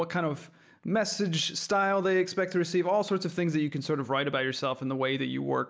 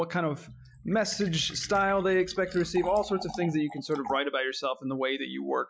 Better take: first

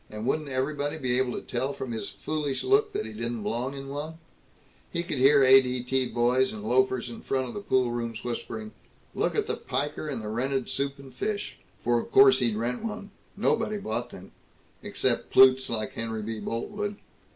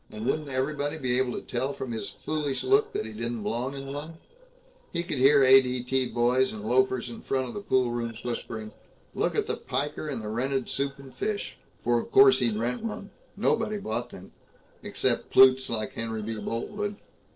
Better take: first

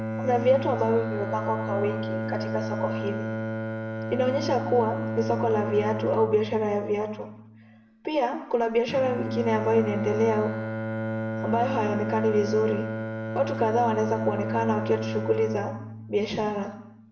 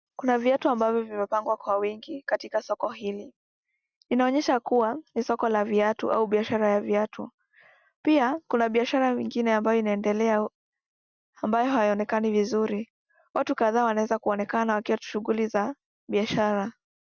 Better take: second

